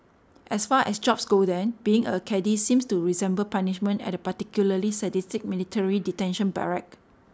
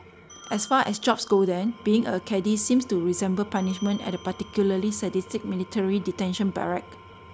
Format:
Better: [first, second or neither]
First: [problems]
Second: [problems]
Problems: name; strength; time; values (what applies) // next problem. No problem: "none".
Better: first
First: none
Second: background sound (Bell + Engine / Tools); 20 dB below the speech